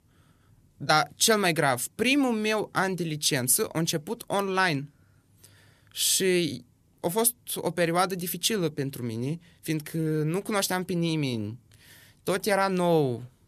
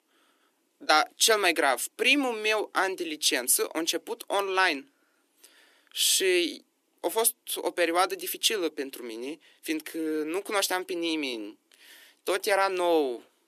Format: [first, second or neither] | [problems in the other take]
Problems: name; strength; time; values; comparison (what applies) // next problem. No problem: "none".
first | thin; somewhat; fading below 300 Hz